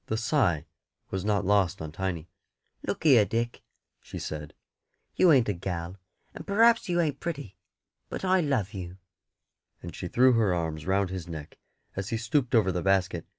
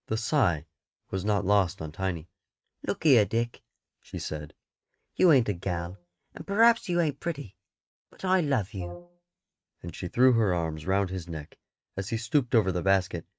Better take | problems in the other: first | noise reduction (neural mask model RNNoise)

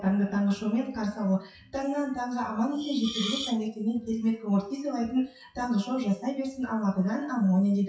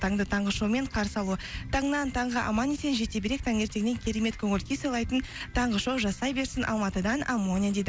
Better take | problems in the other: second | noise reduction (classical method WPE with log-MMSE)

